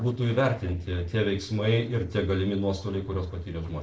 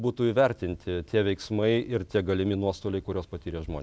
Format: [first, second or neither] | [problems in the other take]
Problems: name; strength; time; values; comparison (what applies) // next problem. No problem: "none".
second | noise reduction (neural separator model SepFormer DNS4)